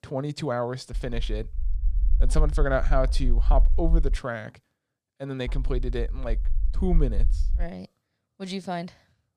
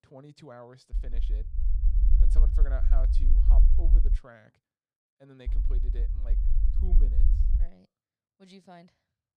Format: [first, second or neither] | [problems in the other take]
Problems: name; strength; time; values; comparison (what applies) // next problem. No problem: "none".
first | low rumble; loud; from 1 to 4 s and from 5.5 to 7.5 s; 2 dB below the speech; faint in the first